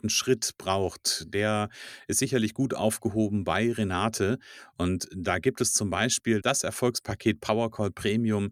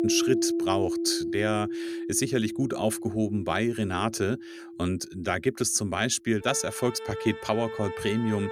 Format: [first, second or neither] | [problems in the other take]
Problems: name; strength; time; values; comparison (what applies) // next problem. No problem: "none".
first | background music; loud; throughout; 5 dB below the speech